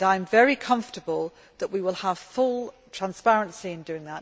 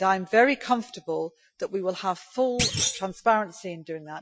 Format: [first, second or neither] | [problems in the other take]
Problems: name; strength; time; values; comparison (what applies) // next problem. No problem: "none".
first | noise reduction (classical method Wiener filter)